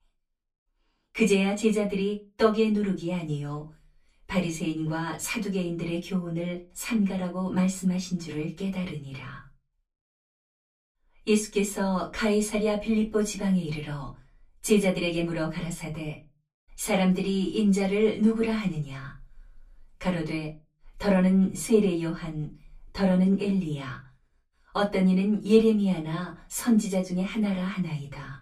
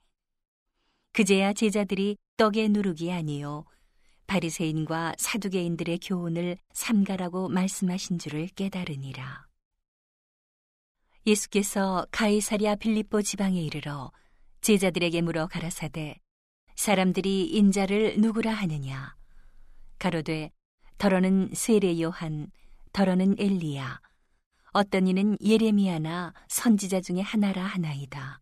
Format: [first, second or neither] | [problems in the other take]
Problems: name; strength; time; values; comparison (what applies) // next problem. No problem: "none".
second | off-mic speech; far // room echo; very slight; dies away in 0.2 s